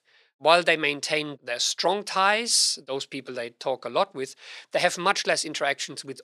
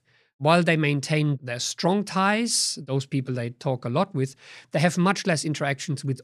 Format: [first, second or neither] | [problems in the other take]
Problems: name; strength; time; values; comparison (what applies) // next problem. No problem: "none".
second | thin; very; fading below 500 Hz